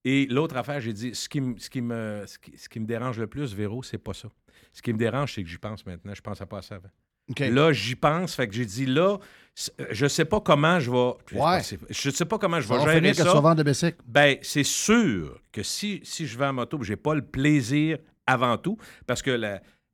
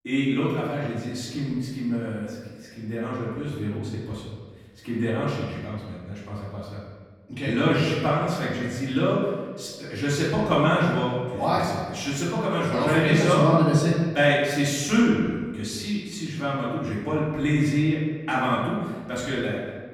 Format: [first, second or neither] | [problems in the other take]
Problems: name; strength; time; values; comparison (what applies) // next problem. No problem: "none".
first | off-mic speech; far // room echo; noticeable; dies away in 1.3 s